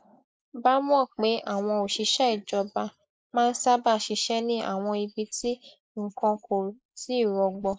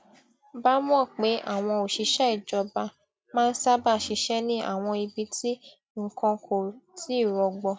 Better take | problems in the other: second | noise reduction (neural mask model Resemble Enhance denoiser)

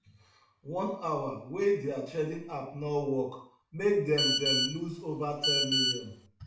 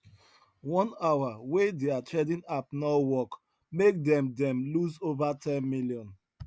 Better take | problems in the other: second | background sound (Telephone); 2 dB above the speech // room echo; dies away in 0.5 s

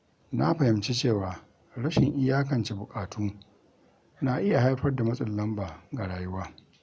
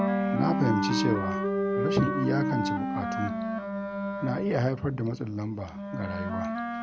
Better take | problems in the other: first | background sound (Electric guitar + Wind instrument, woodwind instrument); 1 dB above the speech

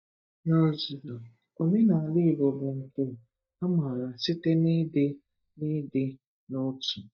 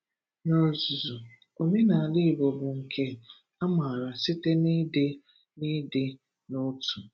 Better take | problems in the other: second | noise reduction (neural mask model DeepFilterNet 3)

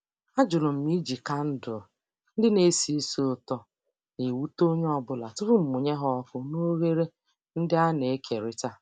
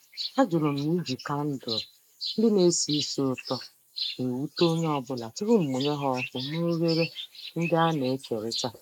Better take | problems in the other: first | noise reduction (neural mask model Resemble Enhance denoiser)

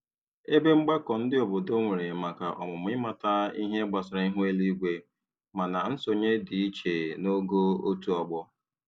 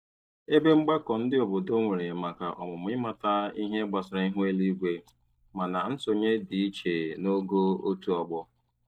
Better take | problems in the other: first | noise reduction (neural mask model DeepFilterNet 3)

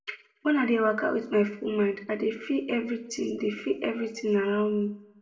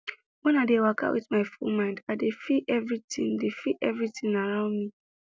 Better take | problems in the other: second | room echo; dies away in 0.5 s

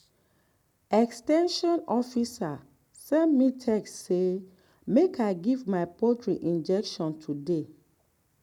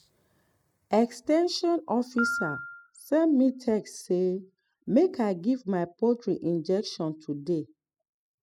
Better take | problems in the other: first | noise reduction (classical method spectral subtraction)

